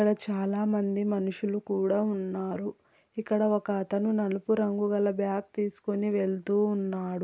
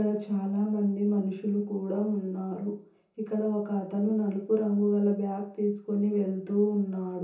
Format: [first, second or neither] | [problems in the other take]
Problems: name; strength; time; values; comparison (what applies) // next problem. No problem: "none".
first | room echo; dies away in 0.6 s